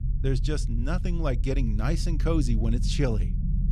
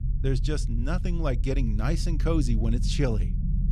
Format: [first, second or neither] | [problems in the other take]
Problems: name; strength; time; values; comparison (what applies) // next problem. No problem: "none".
neither | low rumble; noticeable; throughout; 10 dB below the speech; the same in both